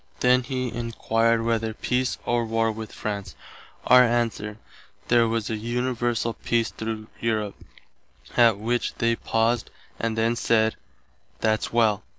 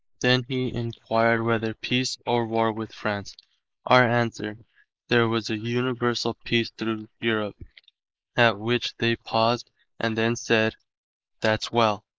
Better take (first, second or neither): first